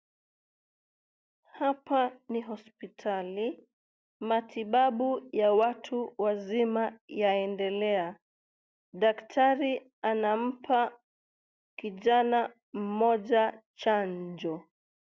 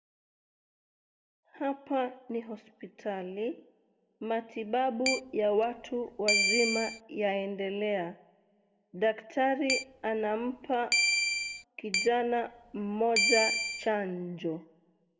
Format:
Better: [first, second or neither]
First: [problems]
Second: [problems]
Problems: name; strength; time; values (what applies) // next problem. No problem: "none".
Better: first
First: none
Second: background sound (Keyboard (musical)); 1 dB above the speech // room echo; dies away in 0.8 s